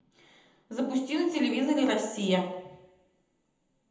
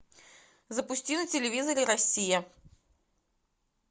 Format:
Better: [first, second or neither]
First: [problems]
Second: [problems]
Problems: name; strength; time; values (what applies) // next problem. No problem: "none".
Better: second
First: room echo; dies away in 0.8 s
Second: none